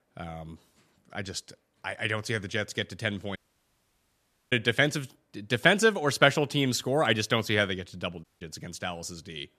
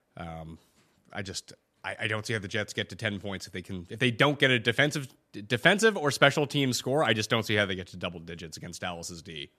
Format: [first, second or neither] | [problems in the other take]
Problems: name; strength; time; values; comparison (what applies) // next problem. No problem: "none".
second | audio cutting out; at 3.5 s for 1 s and at 8 s